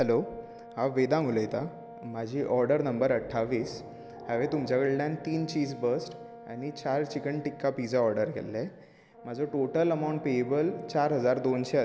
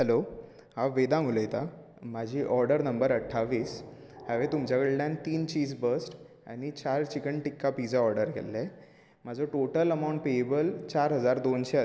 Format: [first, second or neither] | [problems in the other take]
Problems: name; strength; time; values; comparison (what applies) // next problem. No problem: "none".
second | background sound (Brass instrument); 18 dB below the speech